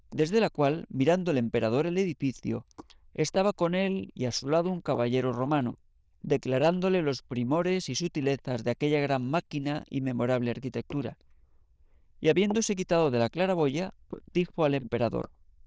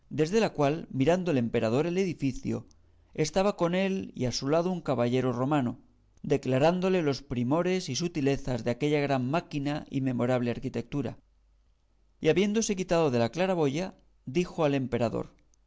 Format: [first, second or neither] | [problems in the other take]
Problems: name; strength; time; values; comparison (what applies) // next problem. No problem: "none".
second | noise reduction (neural diffusion model UNIVERSE++)